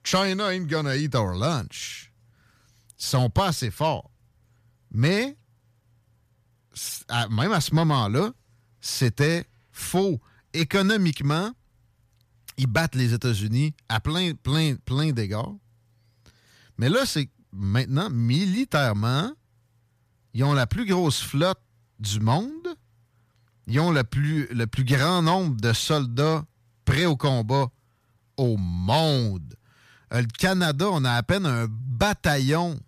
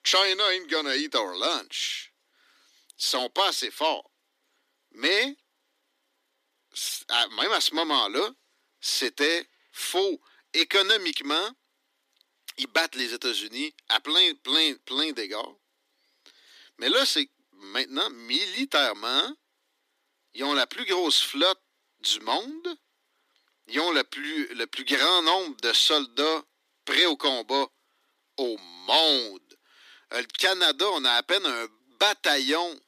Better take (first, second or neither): first